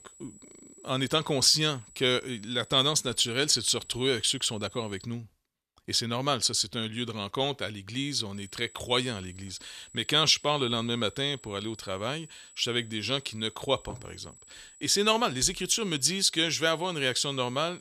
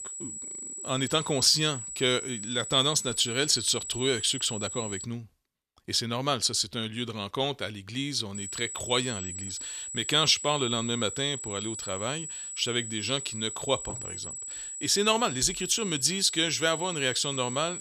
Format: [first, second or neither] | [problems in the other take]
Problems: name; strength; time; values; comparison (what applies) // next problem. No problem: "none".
first | high-pitched whine; loud; until 5 s and from 8.5 s on; 8 kHz, 8 dB below the speech; faint in the first